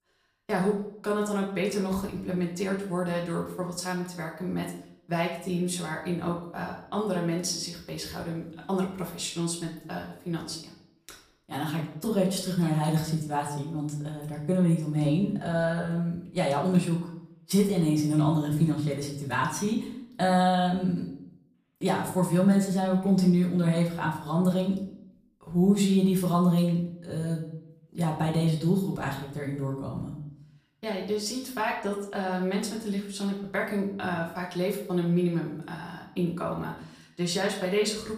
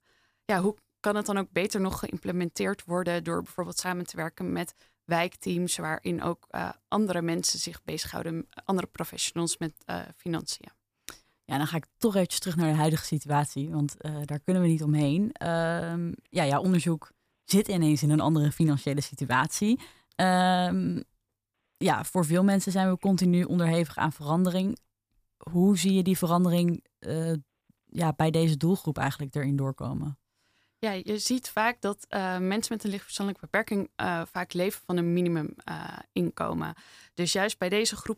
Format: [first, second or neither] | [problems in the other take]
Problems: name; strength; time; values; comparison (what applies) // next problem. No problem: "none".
second | room echo; slight; dies away in 0.6 s // off-mic speech; far